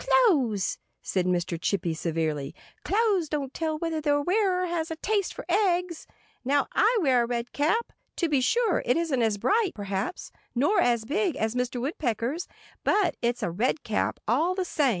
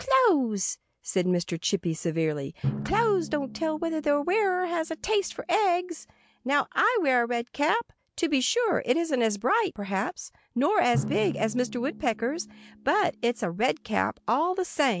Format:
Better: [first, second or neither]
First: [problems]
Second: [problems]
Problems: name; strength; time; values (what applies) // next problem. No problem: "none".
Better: first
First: none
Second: background sound (Drum); 14 dB below the speech